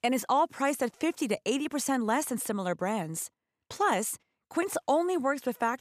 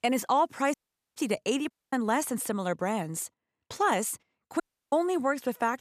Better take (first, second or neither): first